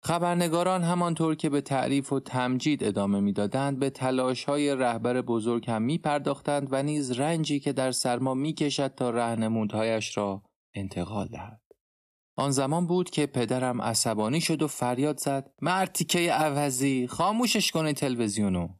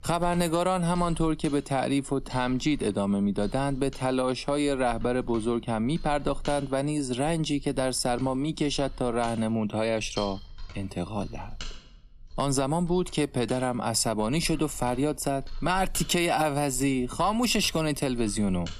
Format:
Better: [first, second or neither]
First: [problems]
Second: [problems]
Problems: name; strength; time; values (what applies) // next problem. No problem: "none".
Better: first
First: none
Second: machinery noise; noticeable; throughout; 20 dB below the speech